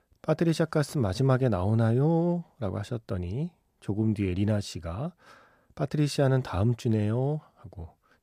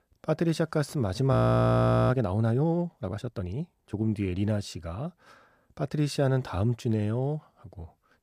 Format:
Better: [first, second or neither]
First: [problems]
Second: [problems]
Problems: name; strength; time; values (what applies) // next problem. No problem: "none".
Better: first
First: none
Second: audio freezing; at 1.5 s for 1 s